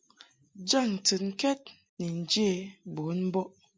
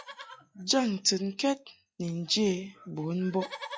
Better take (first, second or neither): first